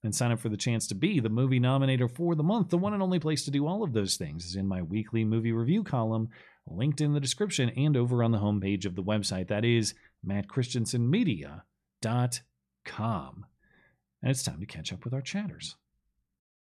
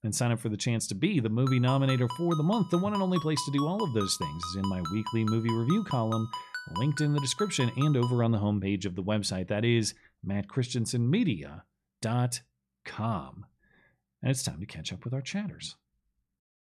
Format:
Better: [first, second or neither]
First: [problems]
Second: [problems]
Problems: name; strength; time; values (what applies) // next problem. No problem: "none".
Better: first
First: none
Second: phone ringing; noticeable; from 1.5 to 8 s; peak 8 dB below the speech